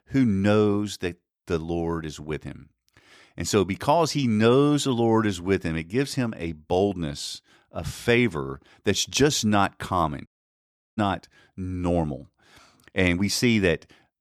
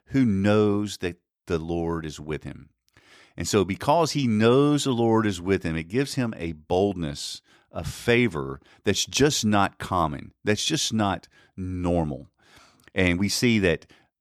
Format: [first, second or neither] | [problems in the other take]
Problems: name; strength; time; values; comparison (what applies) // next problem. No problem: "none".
second | audio cutting out; at 10 s for 0.5 s